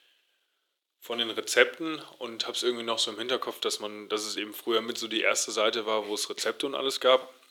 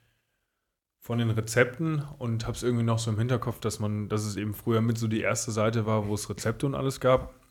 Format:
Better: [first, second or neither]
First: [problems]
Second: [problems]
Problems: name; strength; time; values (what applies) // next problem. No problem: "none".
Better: second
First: thin; very; fading below 350 Hz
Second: none